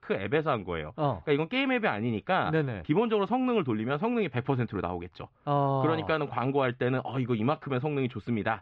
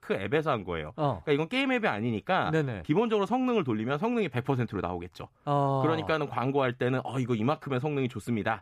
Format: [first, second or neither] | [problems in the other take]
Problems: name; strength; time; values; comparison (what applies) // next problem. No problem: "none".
second | muffled; very slightly; fading above 4 kHz